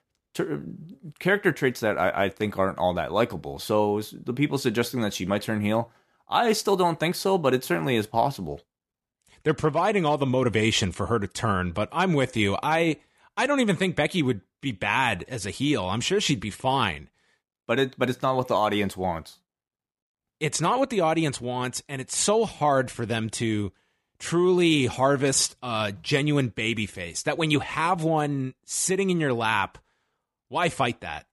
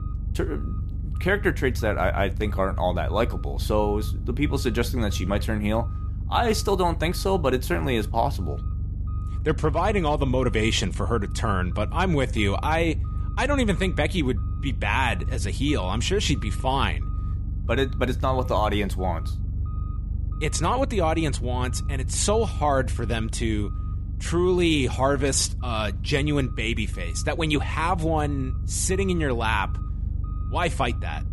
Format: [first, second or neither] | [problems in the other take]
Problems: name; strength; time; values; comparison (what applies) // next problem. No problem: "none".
first | low rumble; noticeable; throughout; 20 dB below the speech